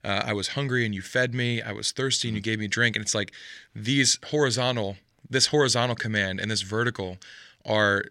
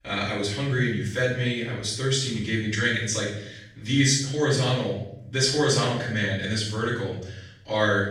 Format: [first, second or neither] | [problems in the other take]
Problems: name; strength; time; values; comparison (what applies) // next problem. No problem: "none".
first | off-mic speech; far // room echo; noticeable; dies away in 0.7 s